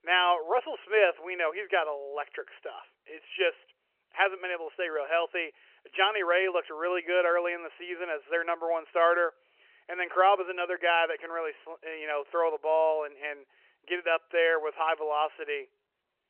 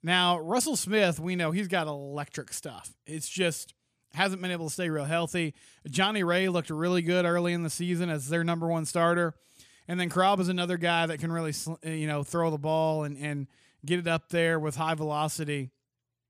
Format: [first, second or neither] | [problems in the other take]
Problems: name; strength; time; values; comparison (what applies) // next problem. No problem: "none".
second | phone-call audio; nothing above 3 kHz